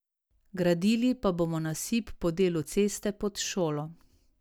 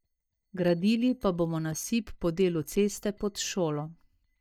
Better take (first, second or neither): first